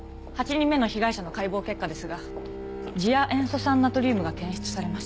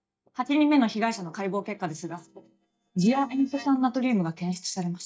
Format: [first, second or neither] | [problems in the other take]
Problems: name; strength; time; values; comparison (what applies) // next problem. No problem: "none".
first | noise reduction (neural mask model DeepFilterNet 3)